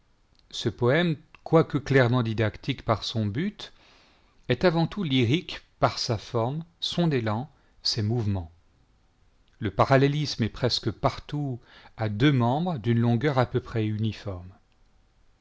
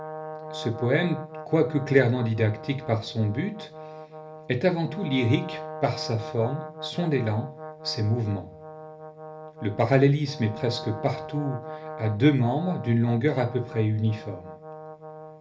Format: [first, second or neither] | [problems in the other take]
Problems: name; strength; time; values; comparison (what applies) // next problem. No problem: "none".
first | background sound (Brass instrument); 13 dB below the speech // room echo; dies away in 0.3 s